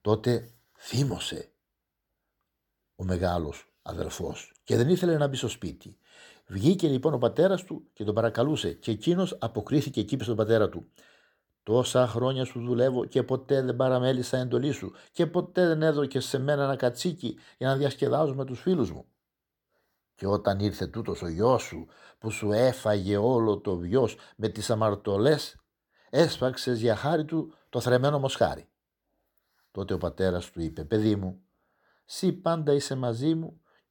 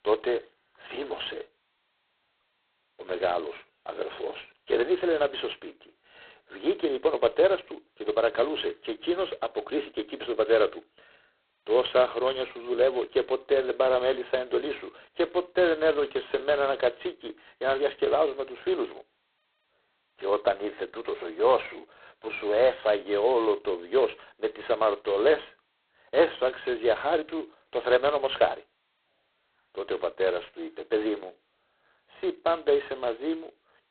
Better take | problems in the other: first | phone-call audio; poor line; nothing above 4 kHz

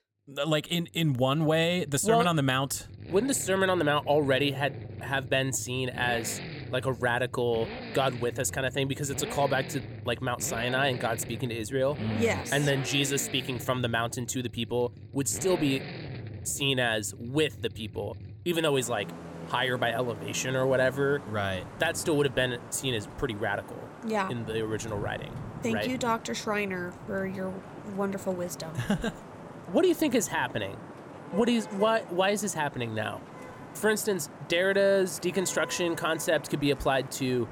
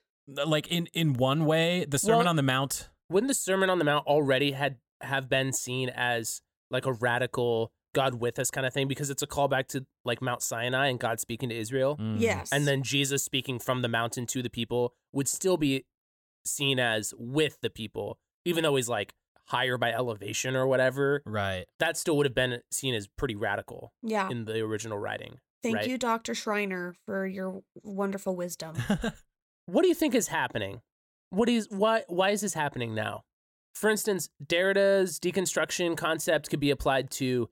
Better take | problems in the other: second | traffic noise; noticeable; throughout; 15 dB below the speech

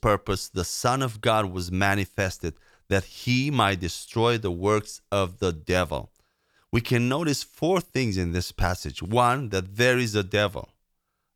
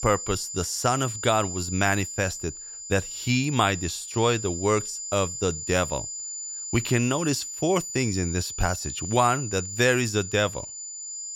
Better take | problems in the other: first | high-pitched whine; loud; throughout; 7 kHz, 7 dB below the speech

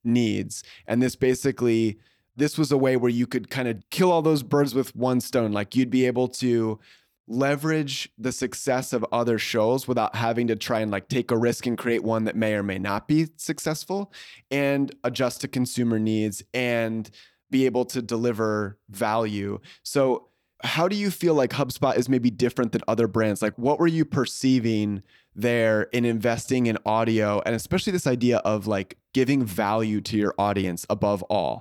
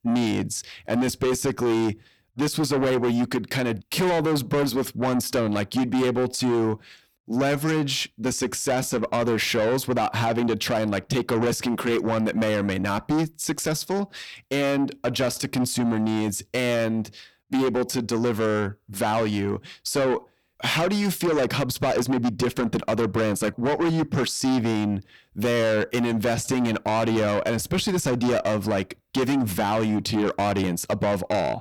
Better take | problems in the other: first | distortion; heavy; 7 dB below the speech

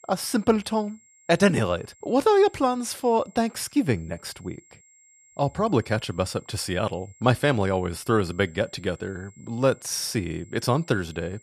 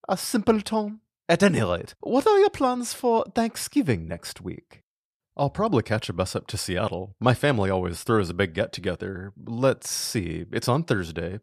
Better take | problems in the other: second | high-pitched whine; faint; throughout; 7.5 kHz, 30 dB below the speech

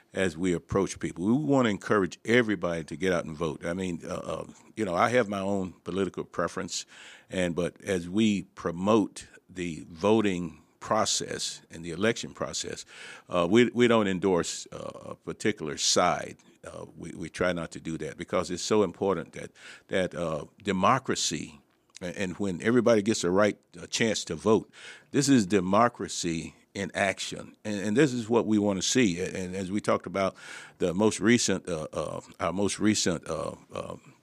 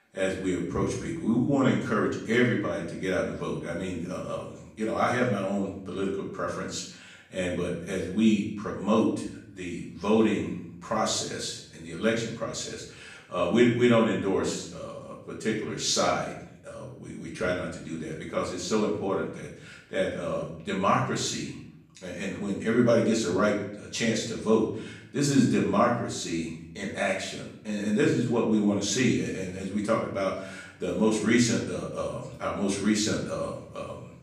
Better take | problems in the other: first | off-mic speech; far // room echo; noticeable; dies away in 0.7 s

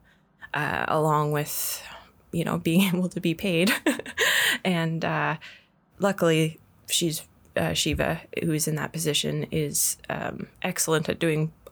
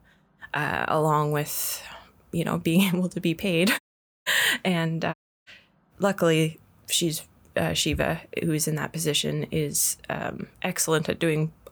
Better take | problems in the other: first | audio cutting out; at 4 s and at 5 s

